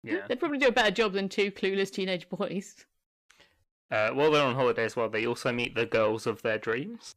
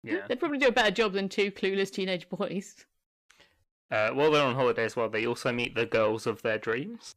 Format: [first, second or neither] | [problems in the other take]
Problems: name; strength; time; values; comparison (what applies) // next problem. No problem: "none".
neither | distortion; slight; 10 dB below the speech; the same in both